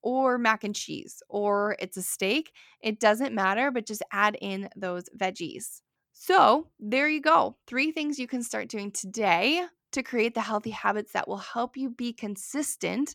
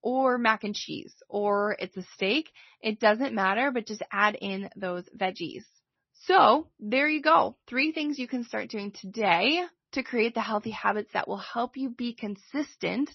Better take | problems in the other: first | garbled, watery; slightly; nothing above 6 kHz

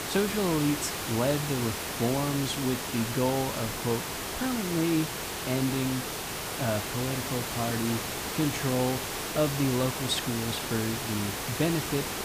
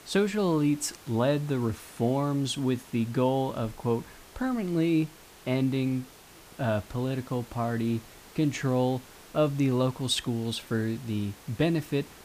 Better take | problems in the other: second | hiss; loud; throughout; 2 dB below the speech; faint in the second

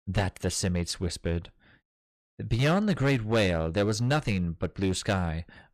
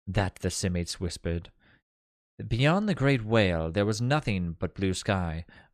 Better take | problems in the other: second | distortion; slight; 5% of the sound clipped

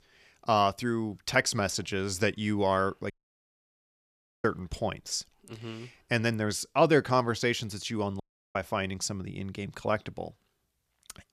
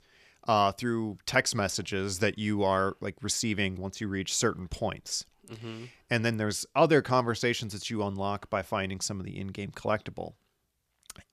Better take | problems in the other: second | audio cutting out; at 3 s for 1.5 s and at 8 s

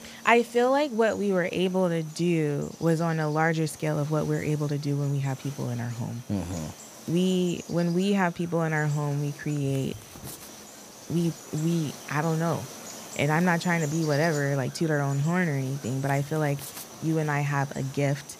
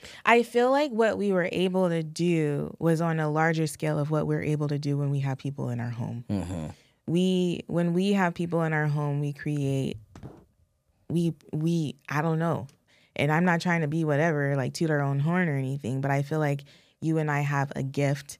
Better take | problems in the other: second | animal sounds; noticeable; throughout; 15 dB below the speech

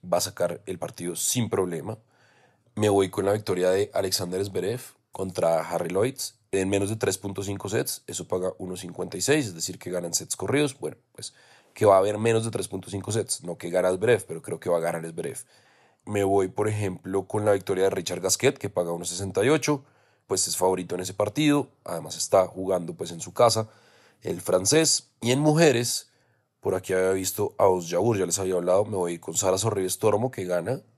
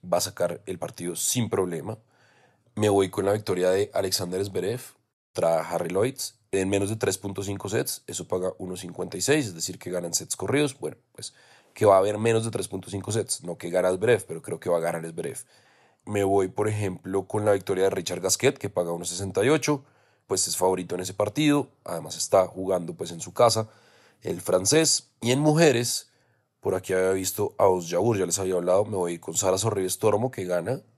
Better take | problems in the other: first | audio cutting out; at 5 s

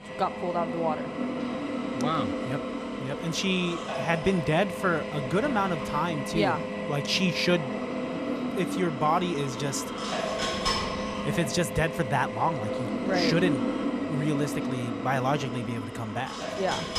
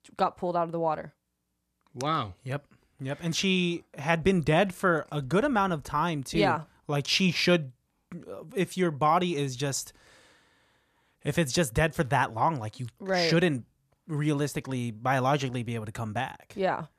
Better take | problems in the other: second | machinery noise; loud; throughout; 3 dB below the speech

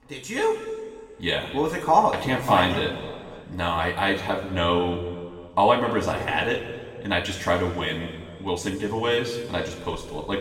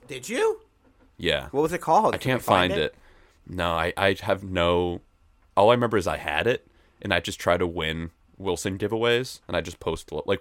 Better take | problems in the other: second | room echo; noticeable; dies away in 1.8 s // off-mic speech; far

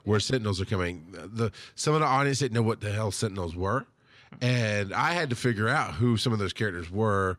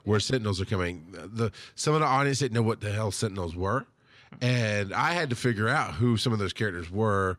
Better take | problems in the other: neither | none

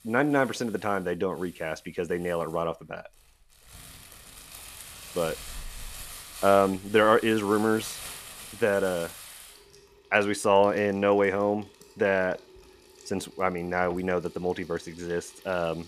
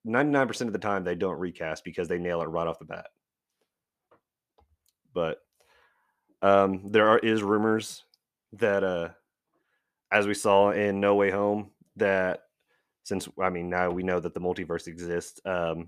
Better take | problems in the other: second | household noises; noticeable; throughout; 20 dB below the speech

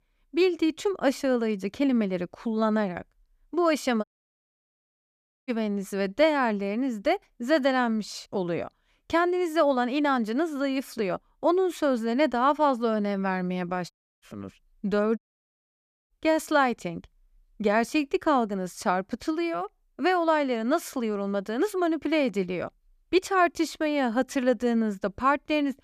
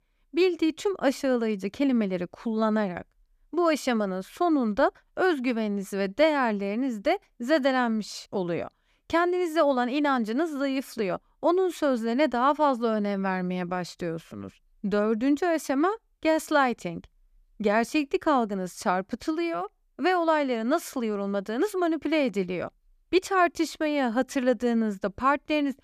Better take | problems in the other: second | audio cutting out; at 4 s for 1.5 s, at 14 s and at 15 s for 1 s

